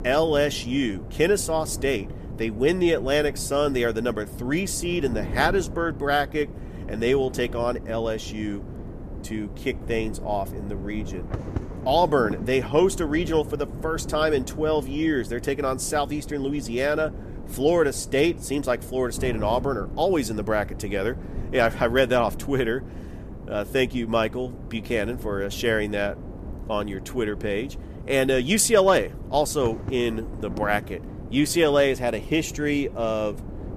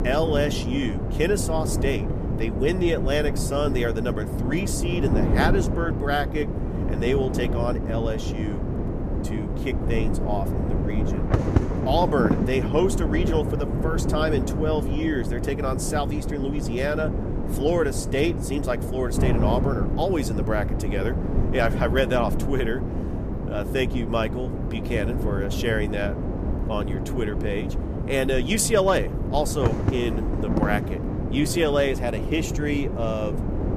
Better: first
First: wind noise on the microphone; occasional gusts; 20 dB below the speech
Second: wind noise on the microphone; heavy; 6 dB below the speech

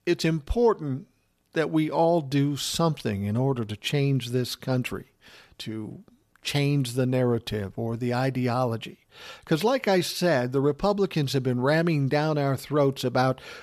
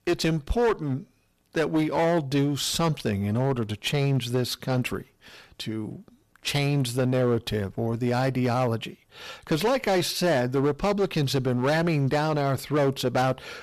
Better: first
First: none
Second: distortion; slight; 13% of the sound clipped

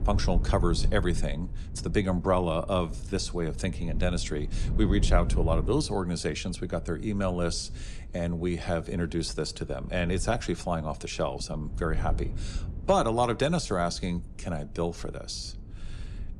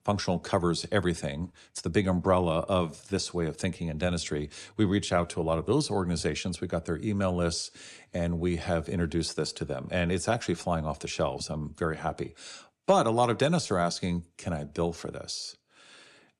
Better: second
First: low rumble; noticeable; throughout; 20 dB below the speech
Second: none

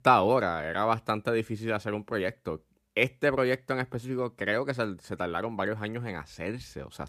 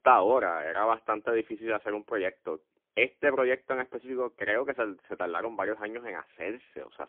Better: first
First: none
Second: phone-call audio; poor line

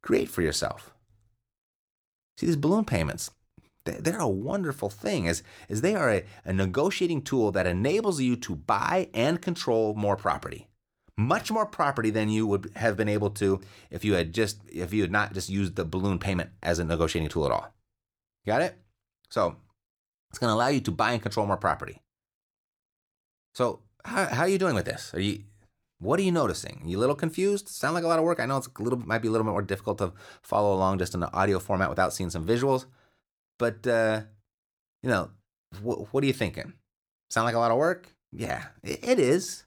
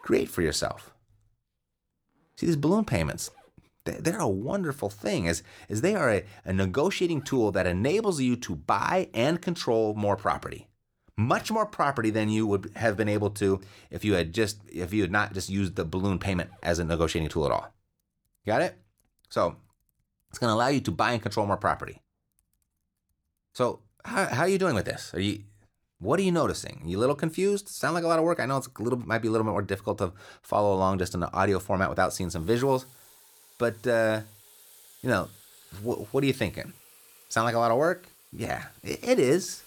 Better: first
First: none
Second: household noises; faint; throughout; 25 dB below the speech

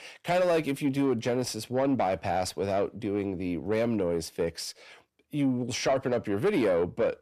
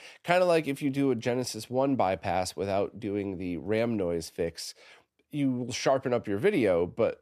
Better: second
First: distortion; slight; 10 dB below the speech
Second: none

